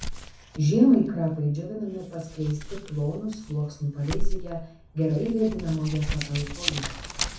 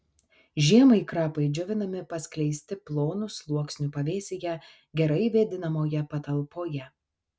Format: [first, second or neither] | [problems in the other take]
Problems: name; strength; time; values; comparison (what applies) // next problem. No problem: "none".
second | background sound (Crumpling, crinkling); 5 dB below the speech // room echo; dies away in 0.6 s